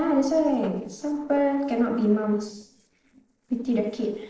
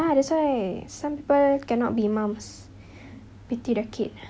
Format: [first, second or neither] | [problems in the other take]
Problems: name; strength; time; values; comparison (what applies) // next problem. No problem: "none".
second | noise reduction (neural separator model SepFormer DNS4)